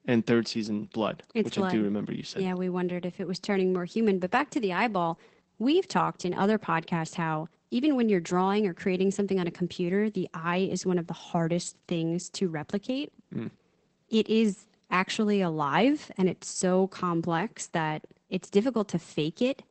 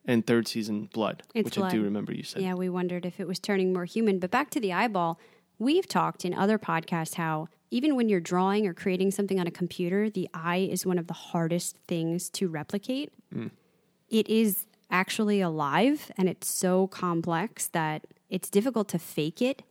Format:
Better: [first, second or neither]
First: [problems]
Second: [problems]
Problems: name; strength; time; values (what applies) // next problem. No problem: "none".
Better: second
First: garbled, watery; badly; nothing above 8 kHz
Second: none